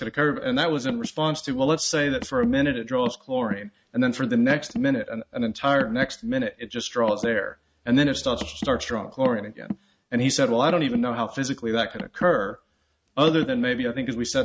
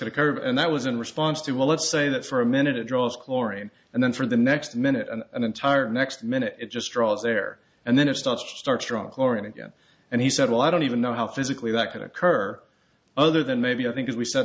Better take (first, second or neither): second